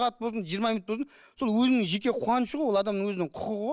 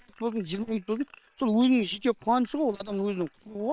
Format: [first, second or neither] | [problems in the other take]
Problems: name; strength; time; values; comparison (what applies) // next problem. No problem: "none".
first | noise reduction (neural separator model SepFormer WHAM!)